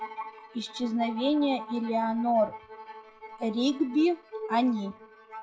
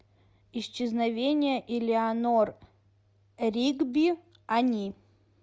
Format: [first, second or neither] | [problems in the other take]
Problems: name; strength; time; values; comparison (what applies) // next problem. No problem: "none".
second | noise reduction (classical method log-MMSE)